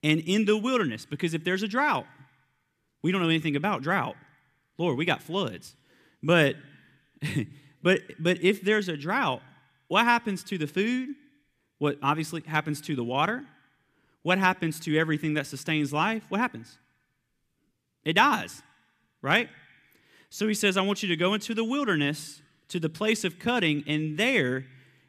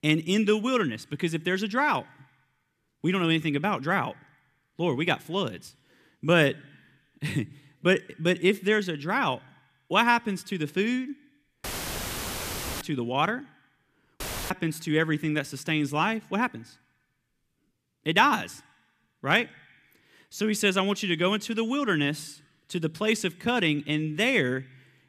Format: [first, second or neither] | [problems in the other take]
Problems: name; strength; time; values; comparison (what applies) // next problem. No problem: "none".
first | audio cutting out; filled with static; at 12 s for 1 s and at 14 s